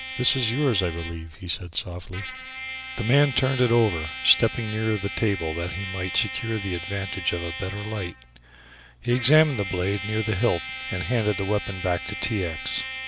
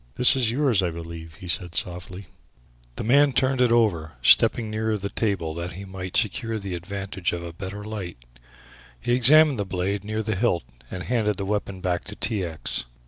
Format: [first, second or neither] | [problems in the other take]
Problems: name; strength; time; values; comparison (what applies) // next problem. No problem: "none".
second | background sound (Trumpet); 9 dB below the speech